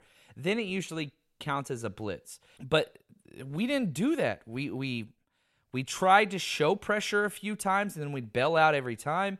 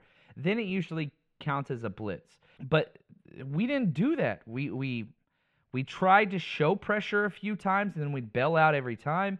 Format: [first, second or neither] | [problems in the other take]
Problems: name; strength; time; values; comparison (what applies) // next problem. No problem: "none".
first | muffled; slightly; fading above 2.5 kHz